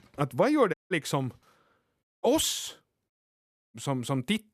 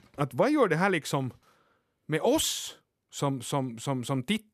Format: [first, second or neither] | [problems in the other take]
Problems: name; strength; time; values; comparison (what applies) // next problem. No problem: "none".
second | audio cutting out; at 0.5 s, at 2 s and at 3 s for 0.5 s